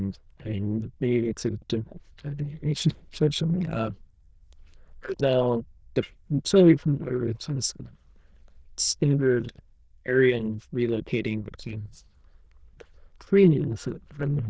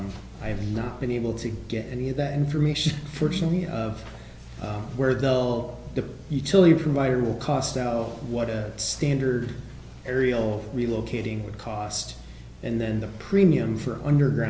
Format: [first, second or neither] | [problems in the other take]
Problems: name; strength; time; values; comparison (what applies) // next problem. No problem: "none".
second | noise reduction (neural diffusion model UNIVERSE++)